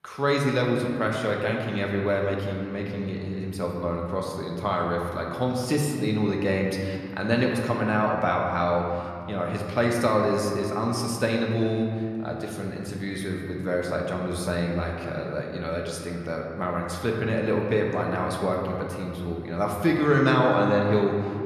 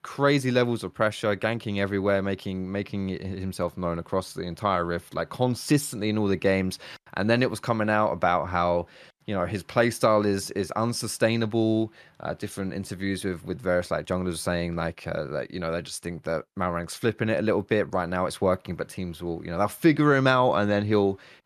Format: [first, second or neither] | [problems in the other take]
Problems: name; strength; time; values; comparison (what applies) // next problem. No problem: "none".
second | room echo; noticeable; dies away in 2.1 s // off-mic speech; somewhat distant